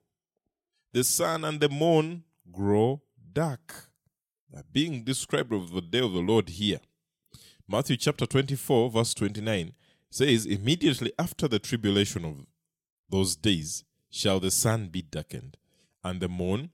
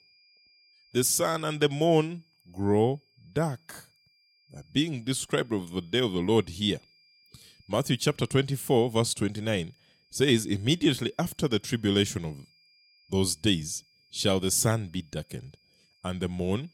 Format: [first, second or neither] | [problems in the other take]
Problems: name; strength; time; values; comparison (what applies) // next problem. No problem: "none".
first | high-pitched whine; faint; throughout; 5 kHz, 35 dB below the speech